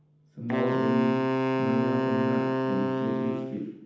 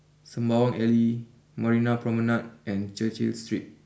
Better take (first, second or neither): second